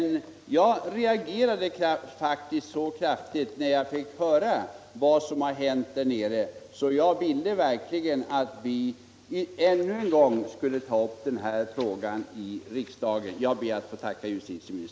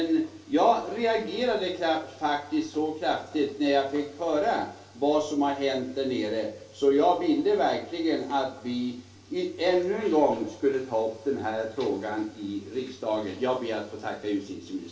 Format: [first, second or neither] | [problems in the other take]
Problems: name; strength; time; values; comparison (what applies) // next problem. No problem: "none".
first | room echo; dies away in 0.2 s